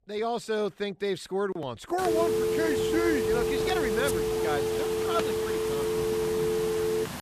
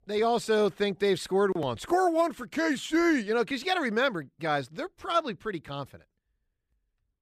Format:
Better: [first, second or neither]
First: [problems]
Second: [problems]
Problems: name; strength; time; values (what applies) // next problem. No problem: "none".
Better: second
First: phone ringing; loud; from 2 s on; peak 5 dB above the speech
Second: none